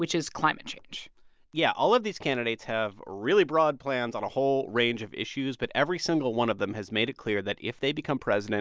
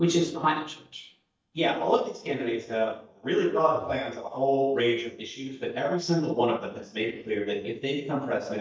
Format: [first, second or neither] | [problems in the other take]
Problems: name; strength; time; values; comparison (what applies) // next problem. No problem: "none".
first | noise reduction (neural mask model DeepFilterNet 3)